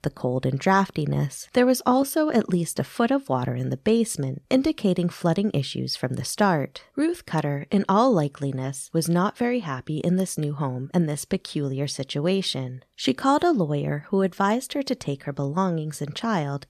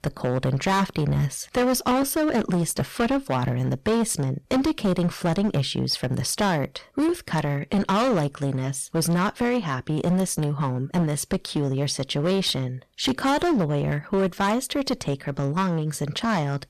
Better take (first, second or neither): first